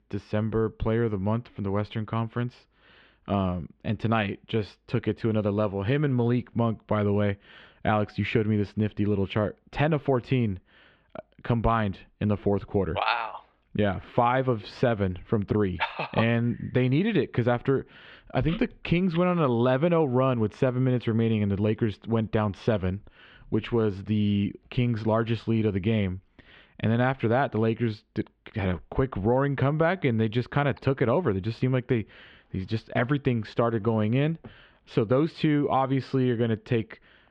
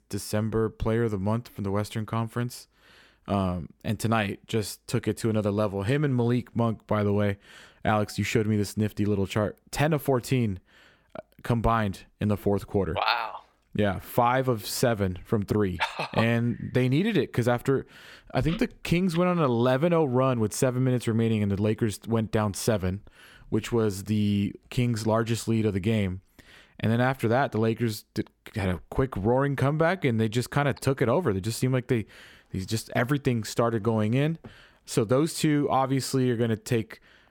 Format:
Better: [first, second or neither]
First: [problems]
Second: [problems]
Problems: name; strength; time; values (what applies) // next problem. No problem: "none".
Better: second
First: muffled; slightly; fading above 3.5 kHz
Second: none